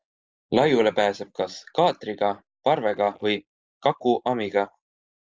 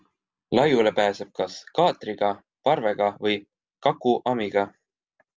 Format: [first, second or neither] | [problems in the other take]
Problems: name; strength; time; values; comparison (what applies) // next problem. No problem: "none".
second | noise reduction (neural mask model Resemble Enhance denoiser)